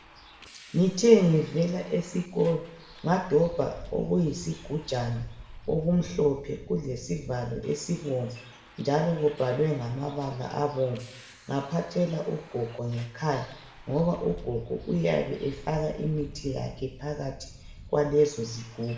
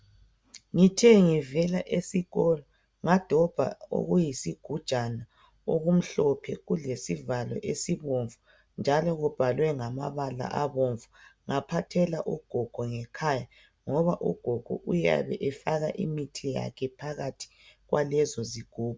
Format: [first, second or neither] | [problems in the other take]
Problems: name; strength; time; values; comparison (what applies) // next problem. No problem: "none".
second | background sound (Bus); 18 dB below the speech // room echo; dies away in 0.7 s